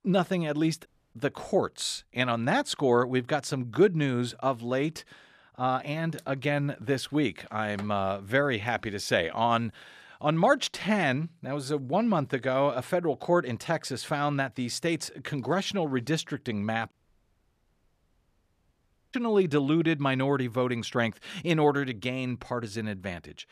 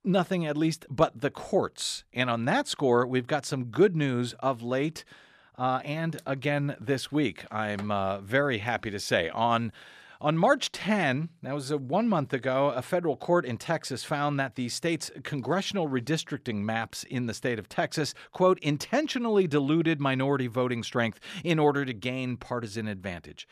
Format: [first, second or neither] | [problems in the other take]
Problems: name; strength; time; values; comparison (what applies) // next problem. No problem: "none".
second | audio cutting out; at 1 s and at 17 s for 2 s